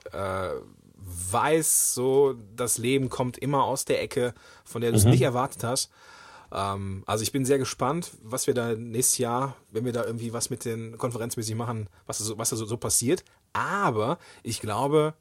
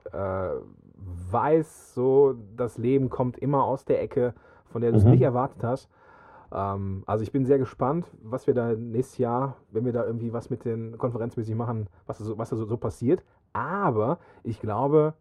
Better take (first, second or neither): first